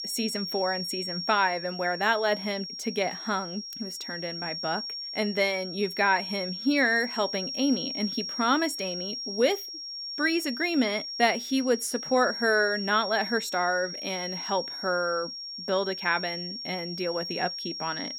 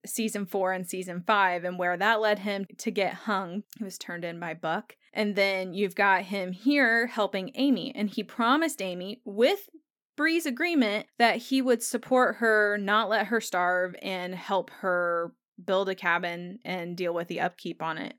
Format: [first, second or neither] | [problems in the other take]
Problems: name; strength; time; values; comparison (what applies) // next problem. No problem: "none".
second | high-pitched whine; loud; throughout; 5.5 kHz, 6 dB below the speech